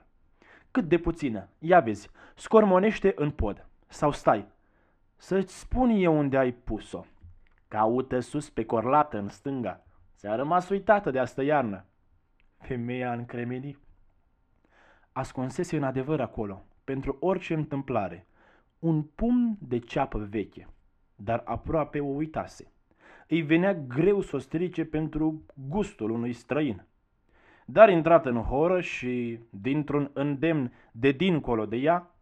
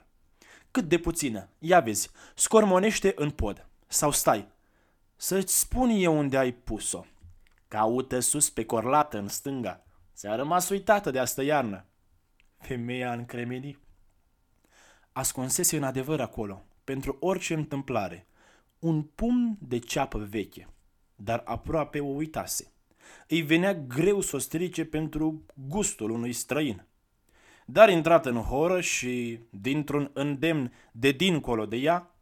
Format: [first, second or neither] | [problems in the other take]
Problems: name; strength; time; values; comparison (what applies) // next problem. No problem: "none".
second | muffled; very; fading above 2 kHz